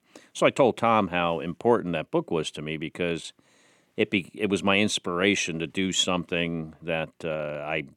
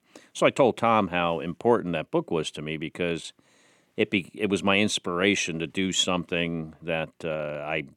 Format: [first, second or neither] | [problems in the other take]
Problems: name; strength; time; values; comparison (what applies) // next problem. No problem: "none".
neither | none